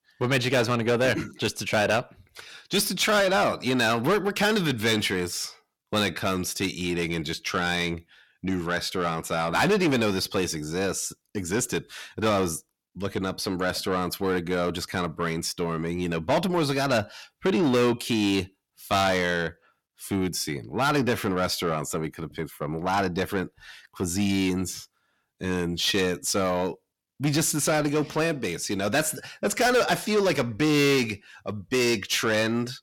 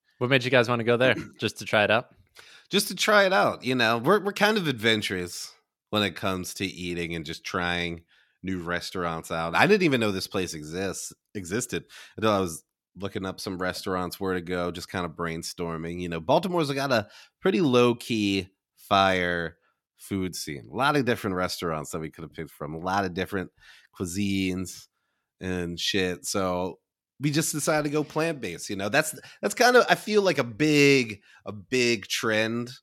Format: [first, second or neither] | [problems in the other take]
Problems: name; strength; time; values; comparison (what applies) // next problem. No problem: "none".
second | distortion; heavy; 7 dB below the speech